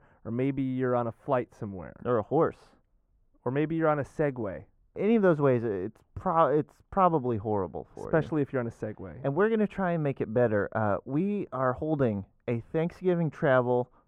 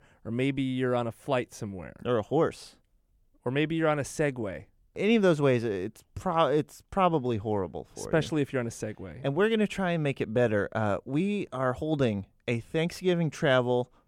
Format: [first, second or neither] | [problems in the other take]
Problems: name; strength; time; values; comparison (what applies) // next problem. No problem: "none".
second | muffled; very; fading above 2 kHz